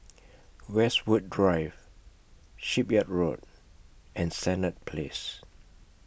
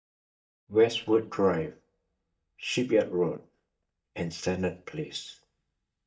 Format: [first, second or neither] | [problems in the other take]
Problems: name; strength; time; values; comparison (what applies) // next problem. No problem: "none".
first | noise reduction (neural mask model DeepFilterNet 3)